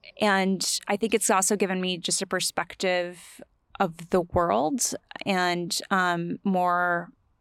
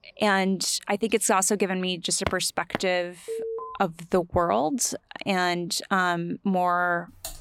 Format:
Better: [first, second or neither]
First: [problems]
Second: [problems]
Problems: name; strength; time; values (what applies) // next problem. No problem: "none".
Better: first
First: none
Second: footsteps; noticeable; at 2.5 s; peak 9 dB below the speech // alarm; noticeable; at 3.5 s; peak 7 dB below the speech // keyboard typing; faint; at 7 s; peak 15 dB below the speech